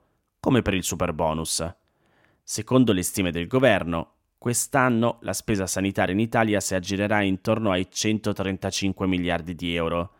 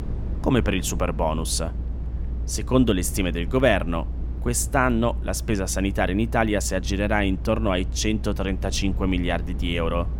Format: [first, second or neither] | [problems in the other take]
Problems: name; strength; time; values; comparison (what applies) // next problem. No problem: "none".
first | low rumble; noticeable; throughout; 20 dB below the speech